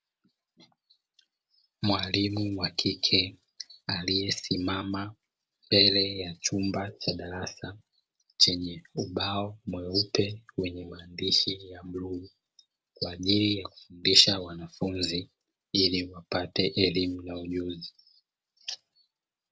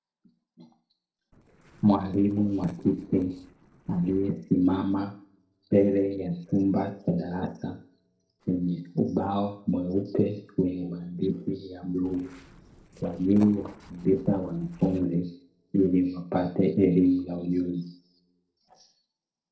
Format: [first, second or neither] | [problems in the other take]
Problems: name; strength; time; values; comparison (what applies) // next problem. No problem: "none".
first | noise reduction (neural separator model SepFormer DNS4)